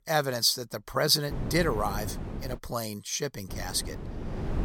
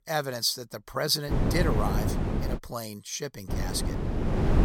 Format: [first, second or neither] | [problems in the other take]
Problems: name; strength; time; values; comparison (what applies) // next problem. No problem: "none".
first | wind noise on the microphone; heavy; from 1.5 to 2.5 s and from 3.5 s on; 5 dB below the speech; occasional gusts in the first